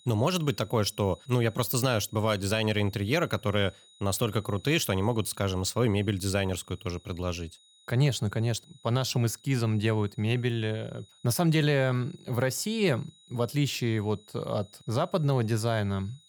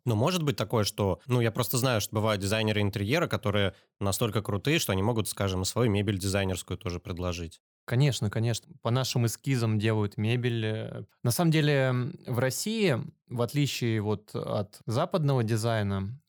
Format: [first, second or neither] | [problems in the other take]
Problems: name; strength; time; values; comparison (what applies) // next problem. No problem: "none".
second | high-pitched whine; faint; throughout; 4 kHz, 30 dB below the speech